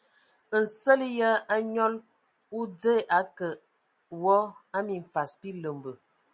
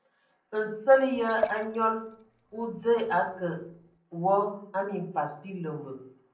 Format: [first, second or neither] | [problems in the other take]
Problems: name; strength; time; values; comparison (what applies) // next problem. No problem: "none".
first | noise reduction (neural separator model SepFormer DNS4)